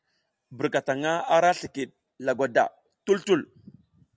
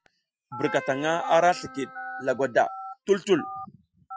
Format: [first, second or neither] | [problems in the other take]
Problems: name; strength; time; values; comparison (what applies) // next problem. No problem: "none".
first | noise reduction (classical method Wiener filter)